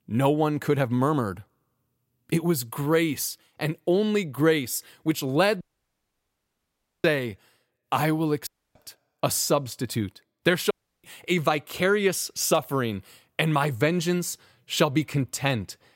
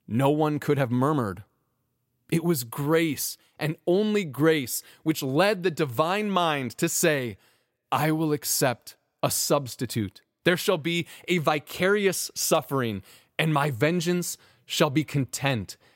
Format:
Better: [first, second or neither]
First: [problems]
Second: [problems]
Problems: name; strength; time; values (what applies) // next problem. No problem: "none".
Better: second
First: audio cutting out; at 5.5 s for 1.5 s, at 8.5 s and at 11 s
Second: none